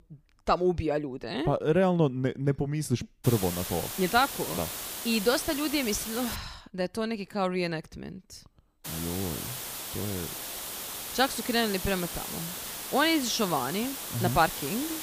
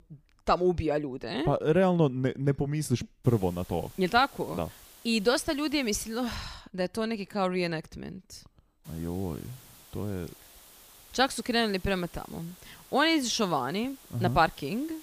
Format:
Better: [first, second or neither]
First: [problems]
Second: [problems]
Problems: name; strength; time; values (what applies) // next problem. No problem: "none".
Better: second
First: hiss; loud; from 3 to 6.5 s and from 9 s on; 6 dB below the speech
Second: hiss; faint; from 3 to 6.5 s and from 9 s on; 20 dB below the speech